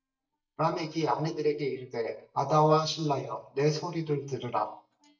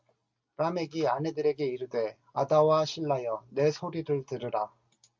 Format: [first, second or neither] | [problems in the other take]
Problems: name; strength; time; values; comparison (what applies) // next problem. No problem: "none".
second | noise reduction (neural mask model DeepFilterNet 3)